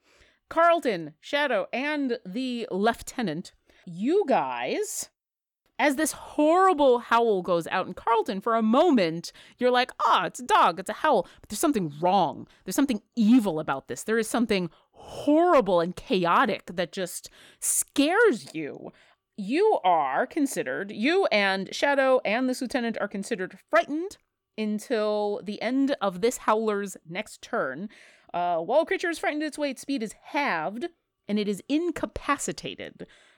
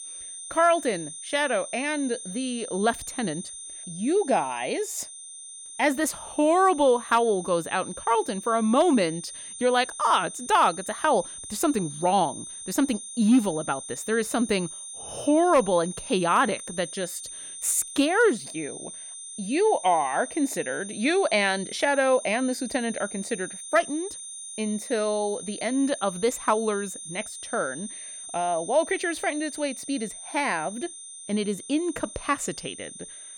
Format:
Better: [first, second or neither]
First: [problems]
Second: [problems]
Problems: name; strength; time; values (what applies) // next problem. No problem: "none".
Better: first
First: none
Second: high-pitched whine; noticeable; throughout; 9 kHz, 10 dB below the speech